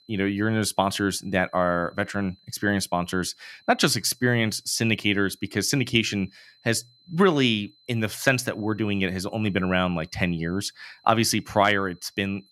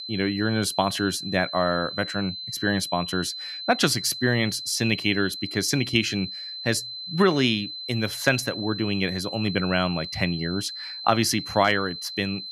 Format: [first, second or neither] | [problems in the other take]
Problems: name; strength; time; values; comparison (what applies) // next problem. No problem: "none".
first | high-pitched whine; loud; throughout; 4 kHz, 8 dB below the speech; faint in the first